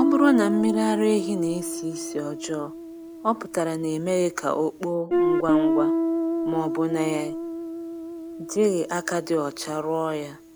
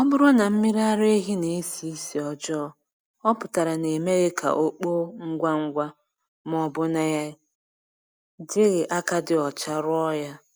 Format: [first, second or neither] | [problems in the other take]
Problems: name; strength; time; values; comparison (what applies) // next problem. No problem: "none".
second | background sound (Guitar); 2 dB below the speech